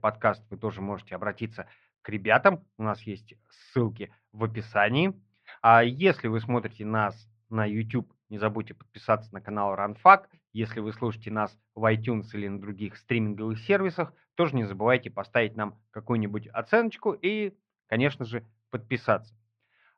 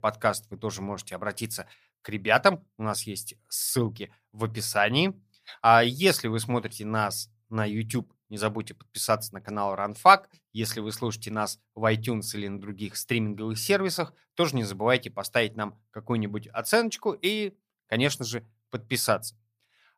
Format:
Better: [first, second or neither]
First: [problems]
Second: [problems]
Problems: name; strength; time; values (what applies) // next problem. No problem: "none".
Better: second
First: muffled; very; fading above 2.5 kHz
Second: none